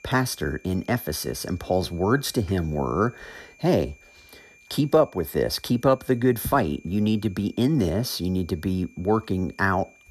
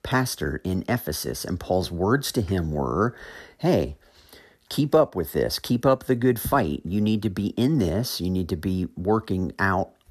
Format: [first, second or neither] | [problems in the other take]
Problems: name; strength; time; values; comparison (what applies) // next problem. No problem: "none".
second | high-pitched whine; faint; throughout; 2.5 kHz, 30 dB below the speech